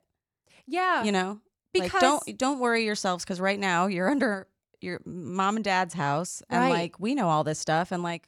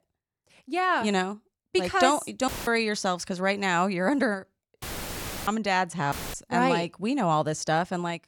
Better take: first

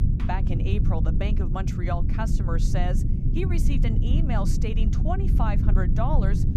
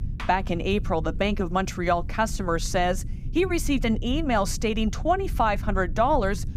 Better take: second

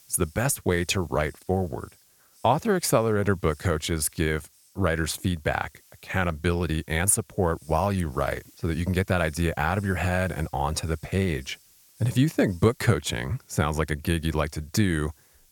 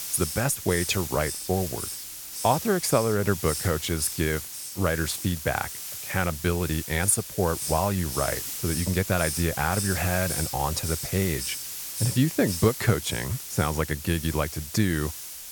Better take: first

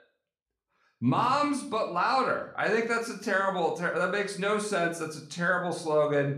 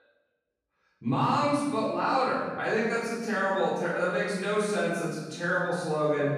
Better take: first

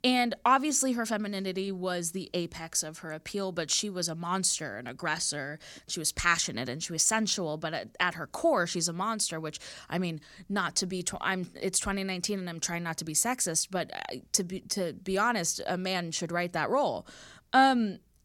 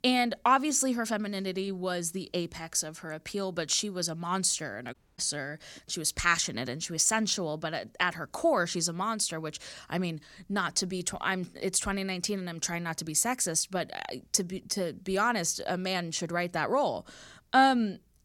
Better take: first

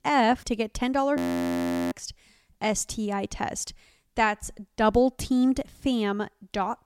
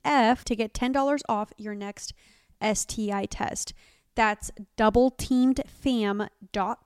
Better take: second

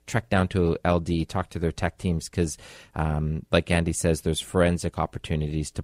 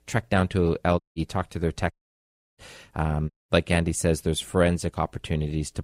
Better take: first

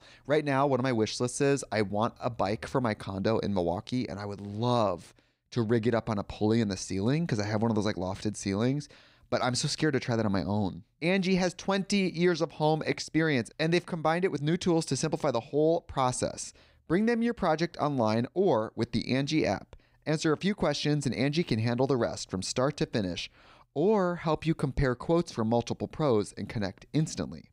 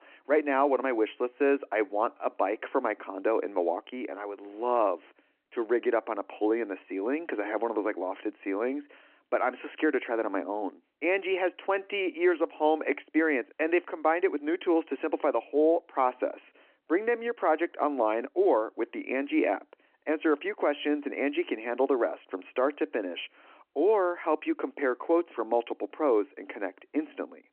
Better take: first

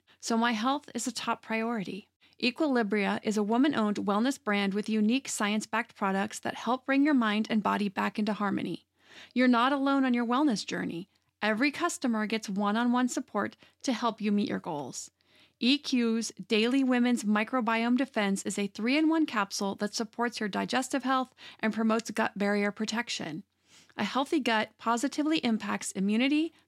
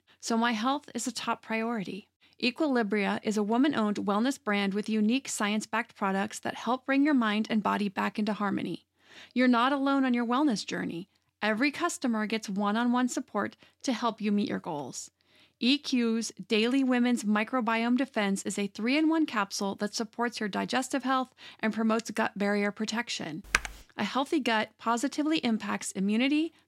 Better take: first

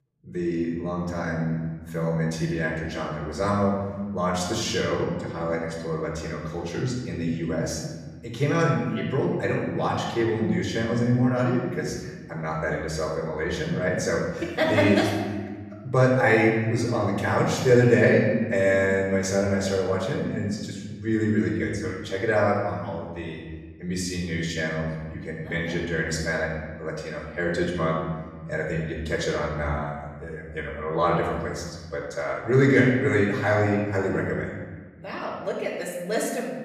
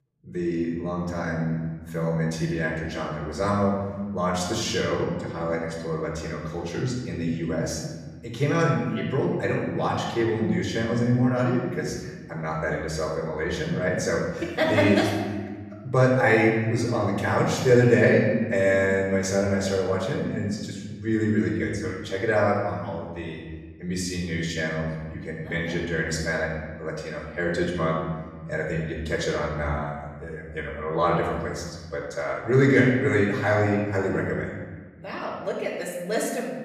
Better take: neither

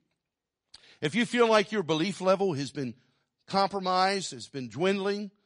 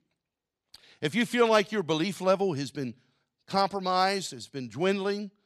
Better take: second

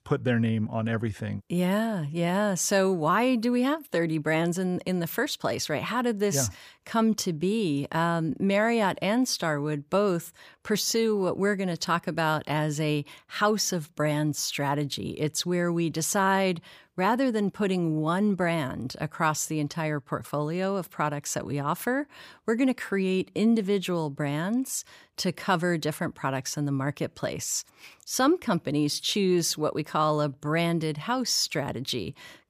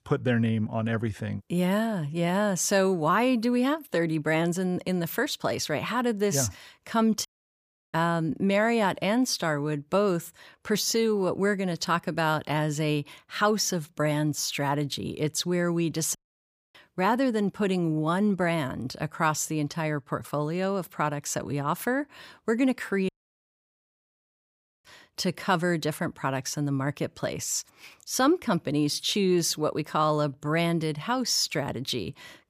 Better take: first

